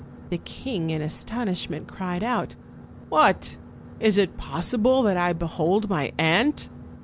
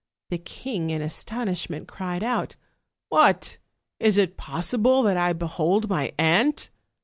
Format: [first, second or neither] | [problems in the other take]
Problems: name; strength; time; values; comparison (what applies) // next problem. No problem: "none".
second | background sound (Boat, Water vehicle); 17 dB below the speech